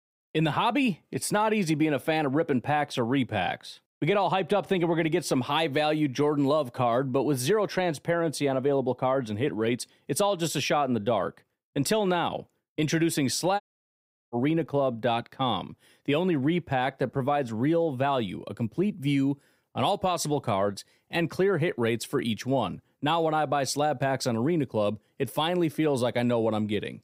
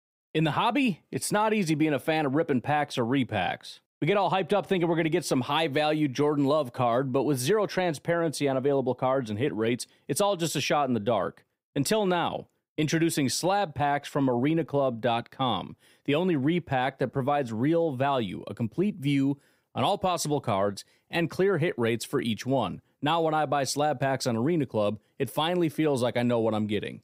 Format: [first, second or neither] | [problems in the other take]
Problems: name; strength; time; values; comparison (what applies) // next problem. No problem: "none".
second | audio cutting out; at 14 s for 0.5 s